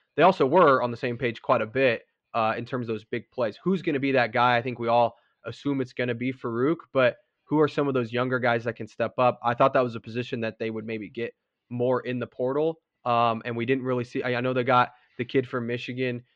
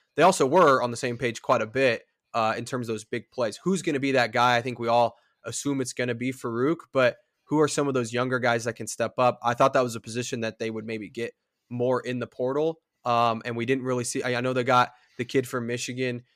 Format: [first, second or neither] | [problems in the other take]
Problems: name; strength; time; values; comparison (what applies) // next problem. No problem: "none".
second | muffled; slightly; fading above 3.5 kHz